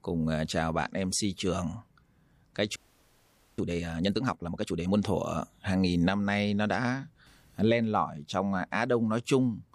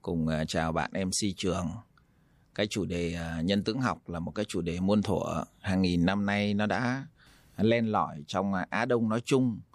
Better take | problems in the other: second | audio freezing; at 3 s for 1 s

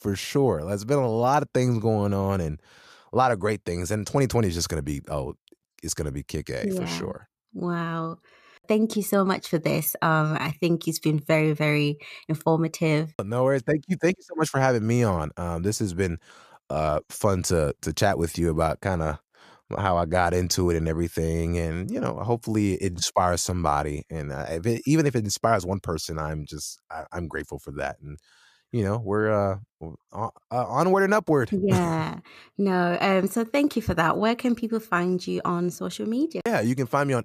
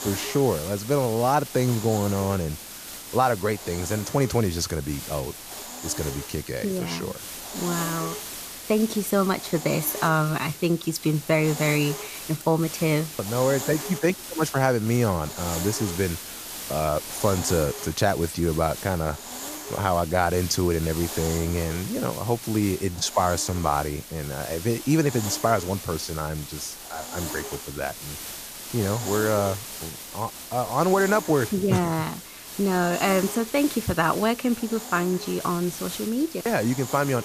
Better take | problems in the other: first | hiss; loud; throughout; 9 dB below the speech

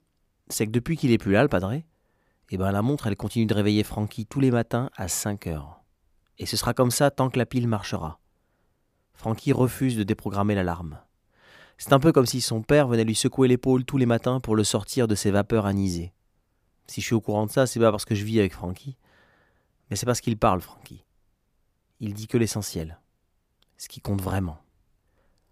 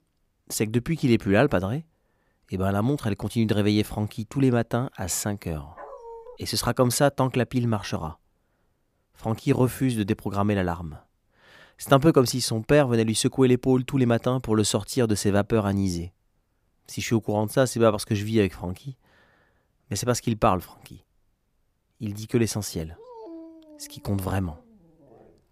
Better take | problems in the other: first | dog barking; faint; at 6 s and from 23 s on; peak 15 dB below the speech

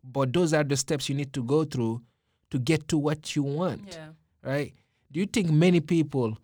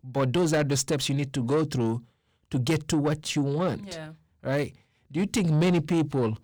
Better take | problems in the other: first | distortion; slight; 10 dB below the speech

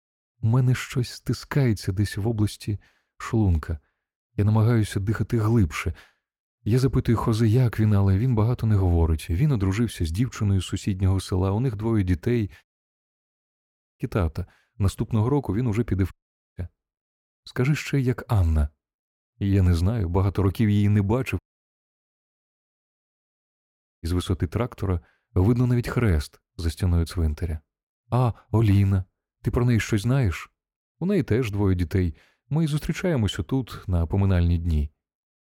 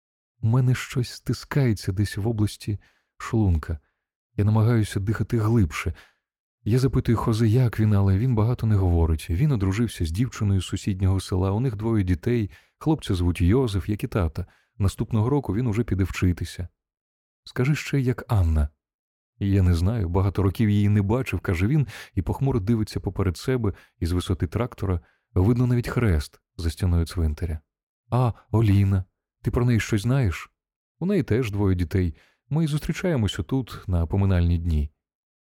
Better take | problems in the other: second | audio cutting out; at 13 s for 1.5 s, at 16 s and at 21 s for 2.5 s

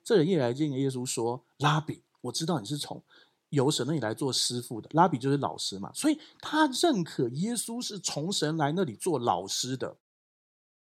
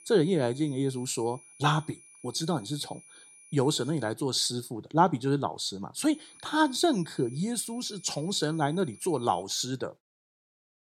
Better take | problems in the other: first | high-pitched whine; faint; until 4 s and from 6 to 9.5 s; 9.5 kHz, 20 dB below the speech

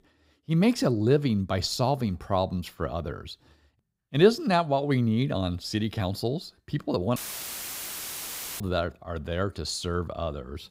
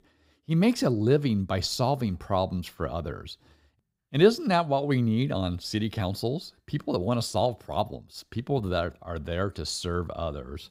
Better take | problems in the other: second | audio cutting out; filled with static; at 7 s for 1.5 s

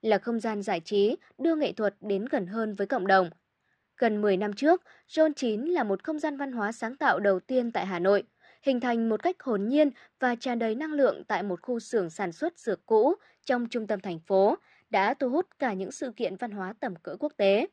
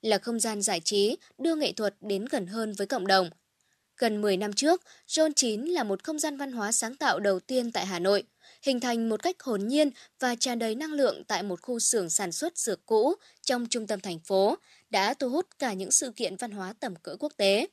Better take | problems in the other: second | muffled; very; fading above 2 kHz

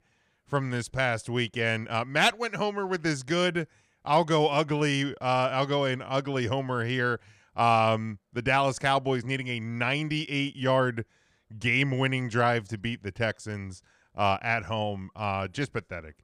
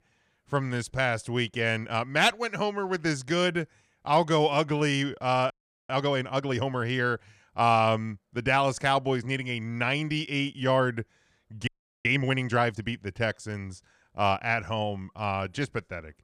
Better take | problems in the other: first | audio freezing; at 5.5 s and at 12 s

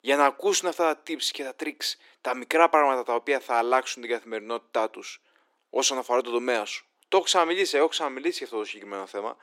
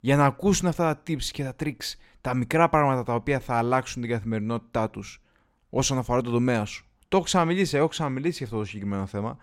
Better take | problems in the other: second | thin; very; fading below 300 Hz

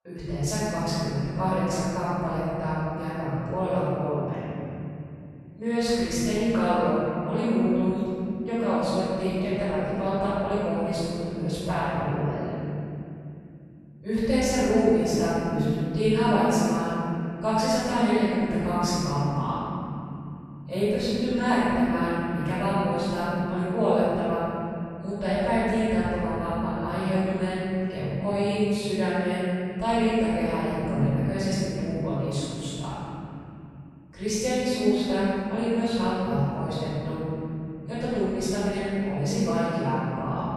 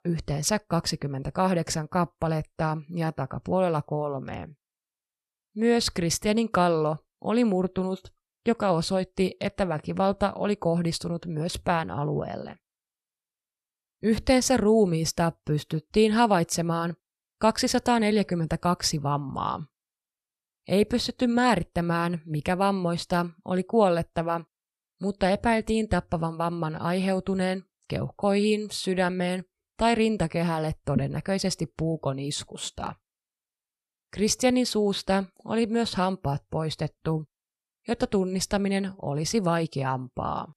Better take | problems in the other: second | off-mic speech; far // room echo; strong; dies away in 3 s

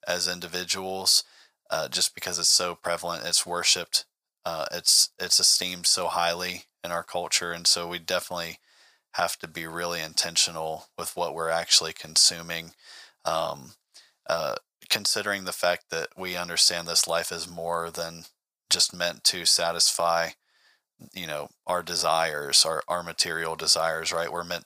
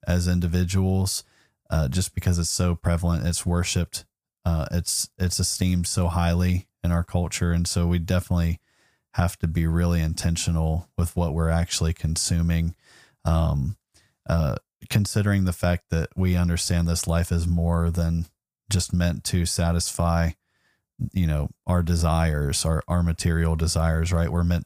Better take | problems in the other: second | thin; very; fading below 650 Hz

